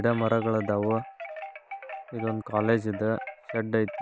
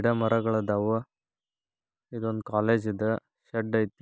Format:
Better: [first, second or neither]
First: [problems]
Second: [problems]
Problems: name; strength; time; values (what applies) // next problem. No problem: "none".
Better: second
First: background sound (Wind chime); 12 dB below the speech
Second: none